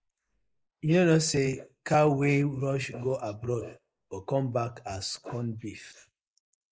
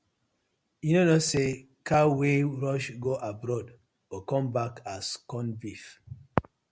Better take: second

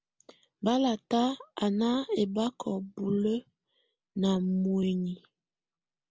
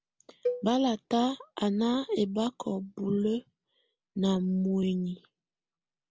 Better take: first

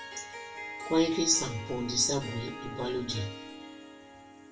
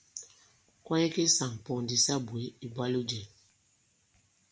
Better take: second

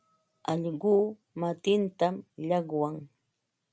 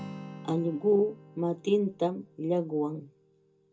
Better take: first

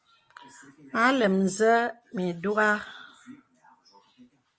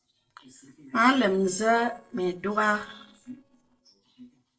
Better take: first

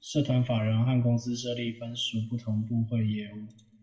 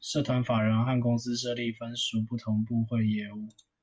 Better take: second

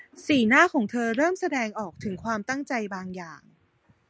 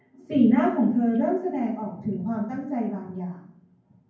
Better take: first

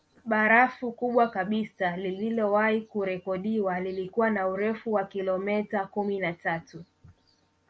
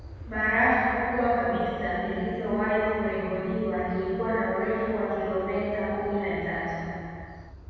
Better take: first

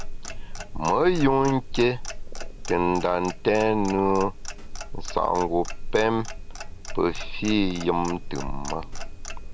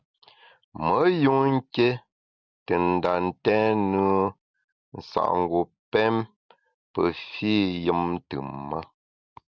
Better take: second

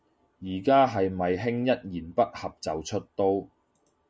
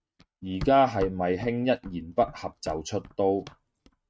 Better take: first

